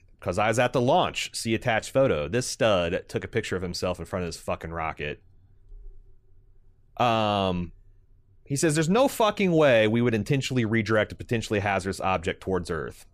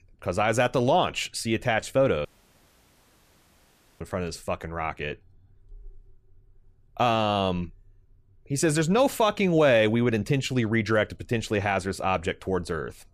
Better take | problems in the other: first | audio cutting out; at 2.5 s for 2 s

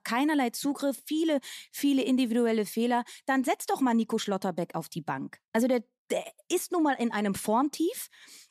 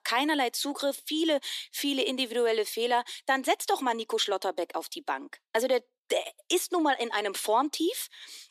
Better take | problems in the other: first | thin; somewhat; fading below 300 Hz

